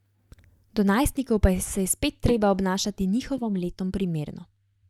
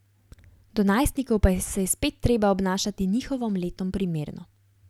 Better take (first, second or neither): second